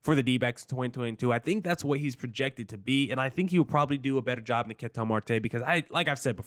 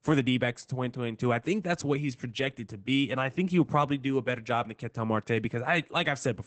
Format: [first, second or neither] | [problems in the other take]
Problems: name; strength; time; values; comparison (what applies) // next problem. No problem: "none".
first | garbled, watery; badly; nothing above 8 kHz; slightly in the first